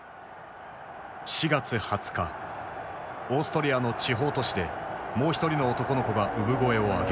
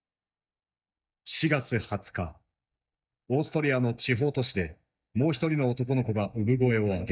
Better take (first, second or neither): first